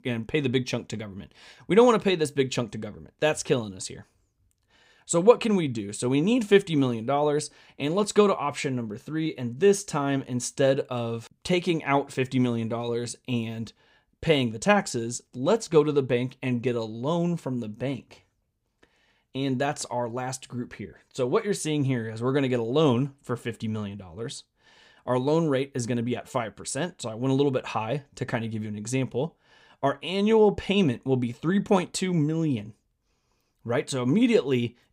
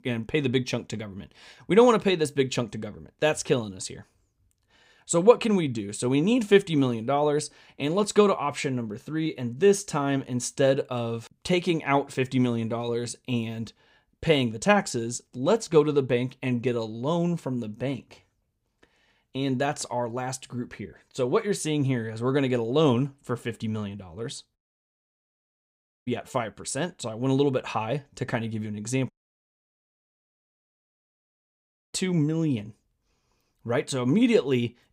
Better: first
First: none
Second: audio cutting out; at 25 s for 1.5 s and at 29 s for 3 s

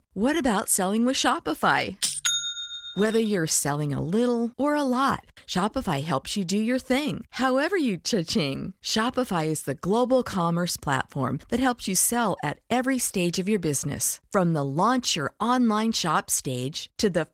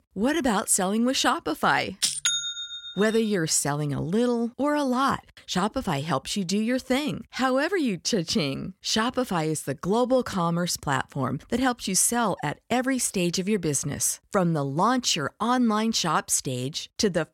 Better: second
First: garbled, watery; slightly; nothing above 16.5 kHz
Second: none

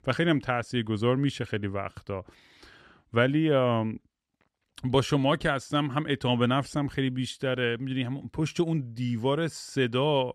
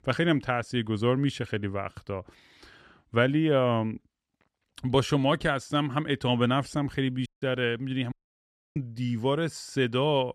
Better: first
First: none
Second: audio cutting out; at 7.5 s and at 8 s for 0.5 s

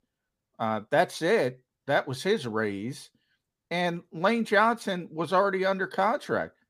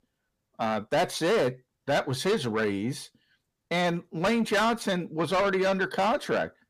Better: first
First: none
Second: distortion; heavy; 7 dB below the speech

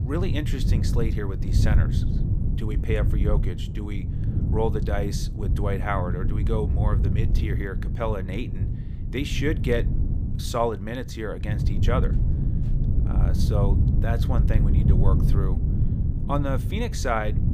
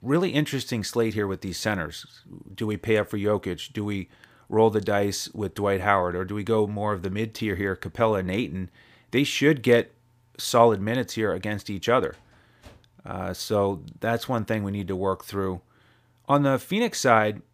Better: second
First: wind noise on the microphone; heavy; 7 dB below the speech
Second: none

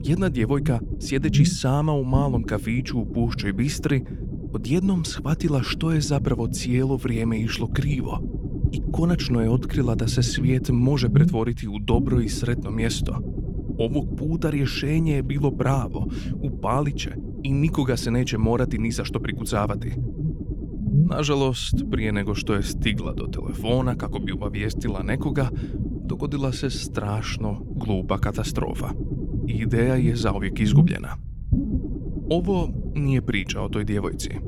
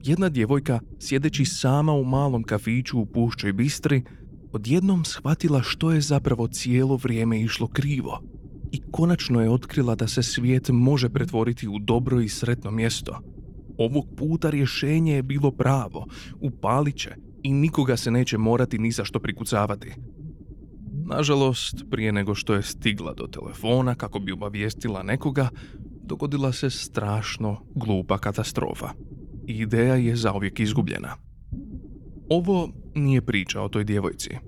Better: second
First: low rumble; loud; throughout; 9 dB below the speech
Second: low rumble; faint; throughout; 20 dB below the speech

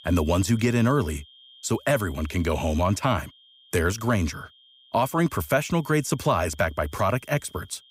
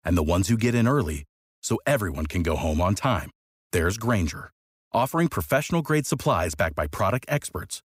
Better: second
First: high-pitched whine; faint; throughout; 3 kHz, 25 dB below the speech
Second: none

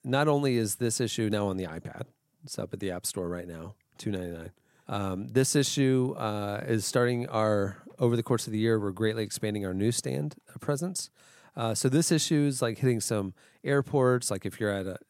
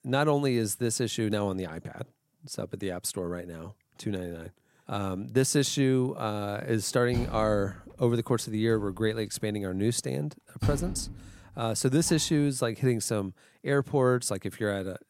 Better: first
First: none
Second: door banging; noticeable; from 7 to 12 s; peak 3 dB below the speech

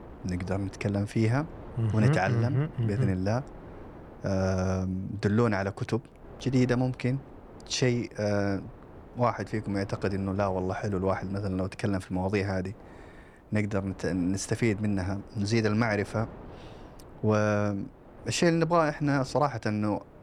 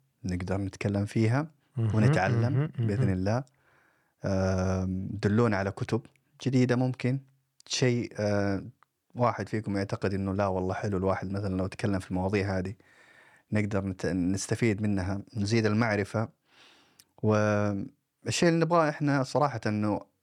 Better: second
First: wind noise on the microphone; occasional gusts; 20 dB below the speech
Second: none

